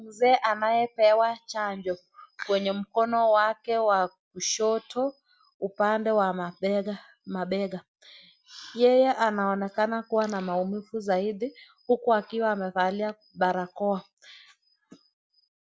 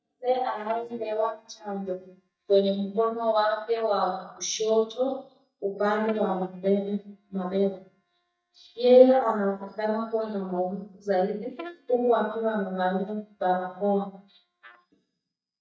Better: first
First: none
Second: noise reduction (neural mask model DeepFilterNet 3)

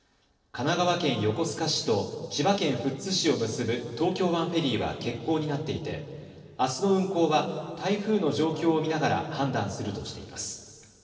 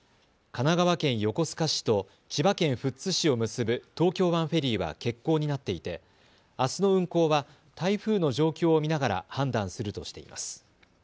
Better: second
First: noise reduction (neural separator model SepFormer DNS4)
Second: none

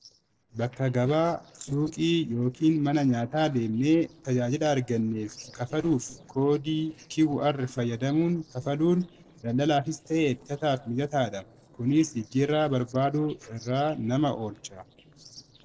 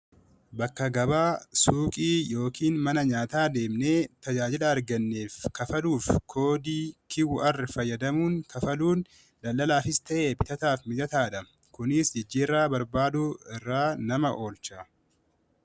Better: second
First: noise reduction (neural separator model SepFormer DNS4)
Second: none

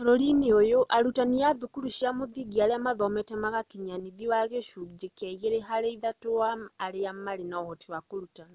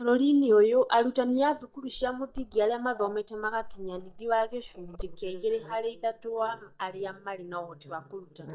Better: first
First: none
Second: noise reduction (neural mask model DeepFilterNet 3)

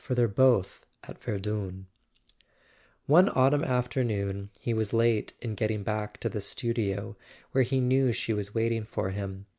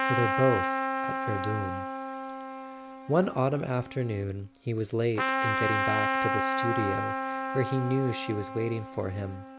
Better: first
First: none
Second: background sound (Trumpet); 1 dB below the speech

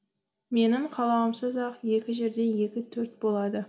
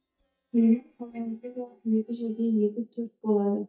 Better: first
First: none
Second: noise reduction (neural mask model DeepFilterNet 3)

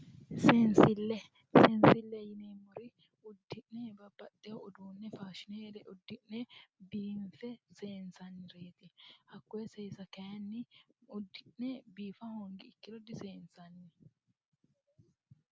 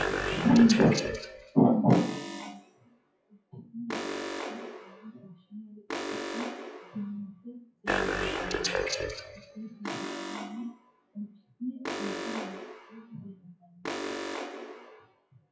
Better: first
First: none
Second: noise reduction (classical method WPE with log-MMSE)

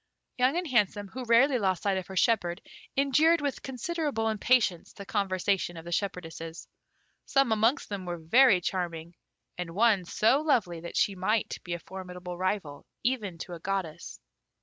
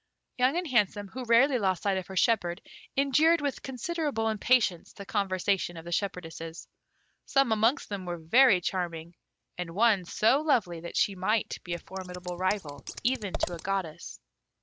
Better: first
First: none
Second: background sound (Scissors); 8 dB below the speech

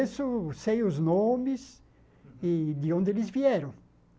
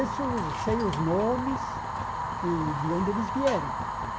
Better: first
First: none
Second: background sound (Fire); 2 dB below the speech

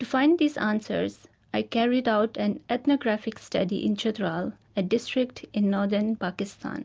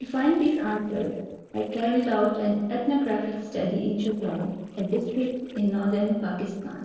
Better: first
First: none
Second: noise reduction (neural separator model SepFormer DNS4)

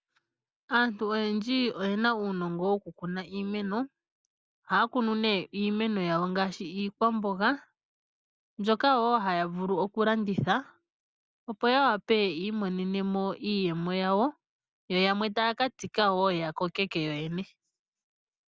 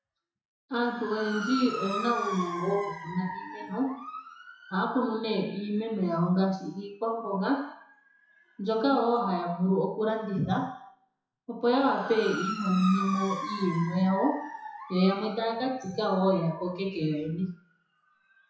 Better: first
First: none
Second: noise reduction (classical method WPE with log-MMSE)

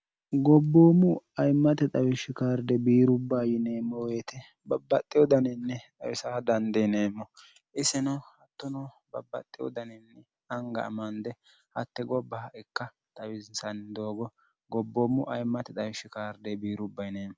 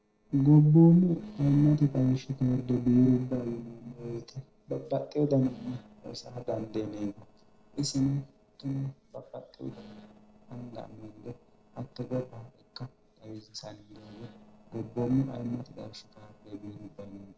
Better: first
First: none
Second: noise reduction (neural separator model SepFormer DNS4)

